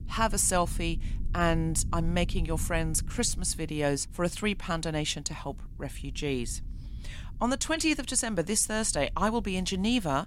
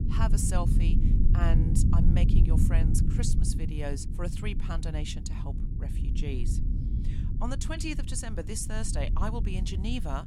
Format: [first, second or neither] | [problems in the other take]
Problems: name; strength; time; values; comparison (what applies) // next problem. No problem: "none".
first | low rumble; loud; throughout; 4 dB below the speech; faint in the first